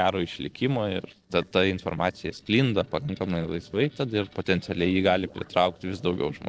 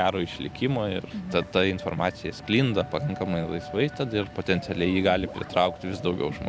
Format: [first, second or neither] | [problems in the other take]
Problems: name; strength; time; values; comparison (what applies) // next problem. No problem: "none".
second | noise reduction (neural separator model SepFormer DNS4)